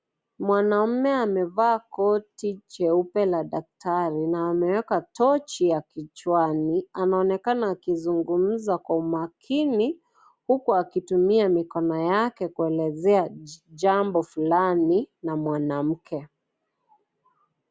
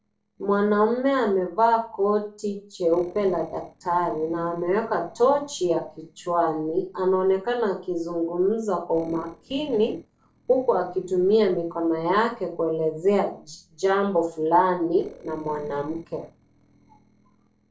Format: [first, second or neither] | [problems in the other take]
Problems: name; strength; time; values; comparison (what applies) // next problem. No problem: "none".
first | noise reduction (neural separator model SepFormer DNS4)